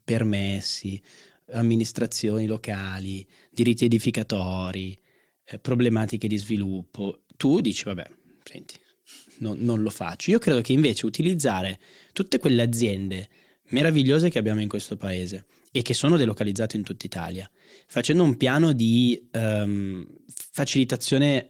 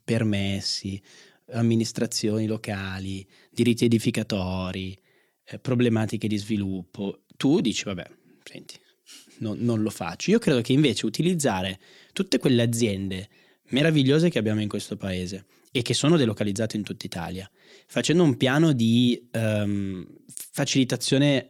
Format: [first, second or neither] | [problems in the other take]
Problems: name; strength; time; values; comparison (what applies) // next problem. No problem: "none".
second | garbled, watery; slightly